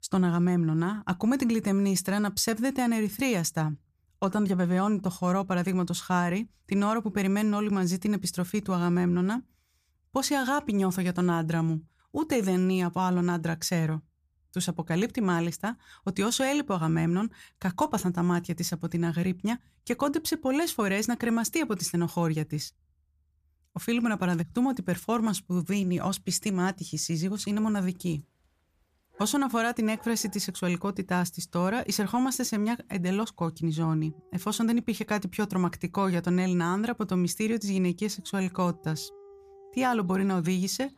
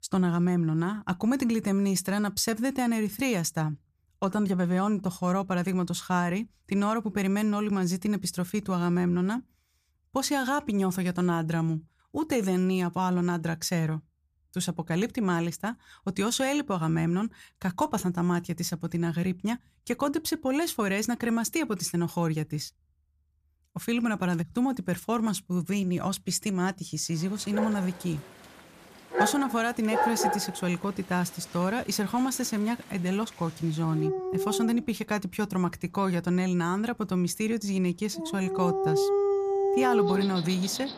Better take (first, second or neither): first